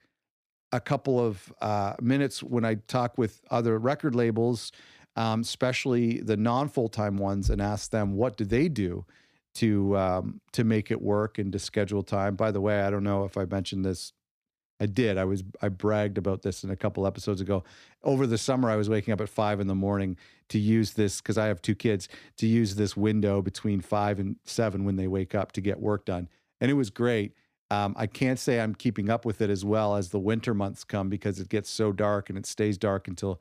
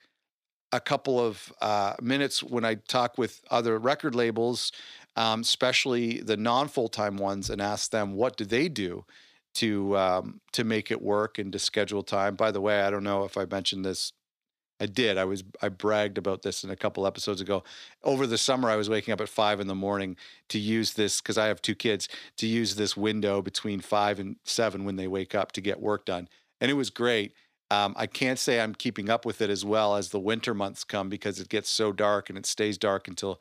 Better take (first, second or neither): first